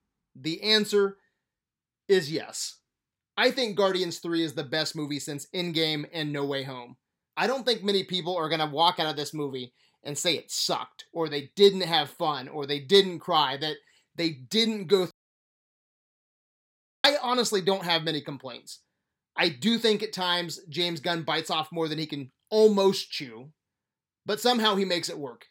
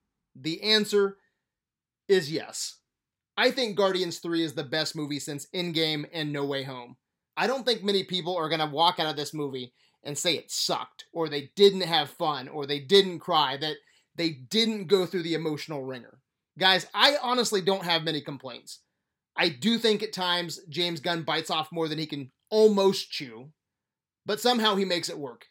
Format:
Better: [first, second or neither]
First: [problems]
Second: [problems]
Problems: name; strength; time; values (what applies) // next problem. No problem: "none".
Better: second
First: audio cutting out; at 15 s for 2 s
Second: none